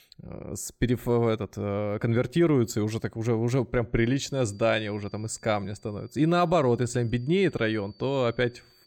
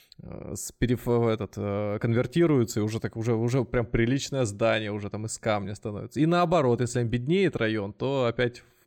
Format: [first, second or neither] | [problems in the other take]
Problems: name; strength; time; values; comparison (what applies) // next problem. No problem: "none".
second | high-pitched whine; faint; from 4 s on; 4.5 kHz, 30 dB below the speech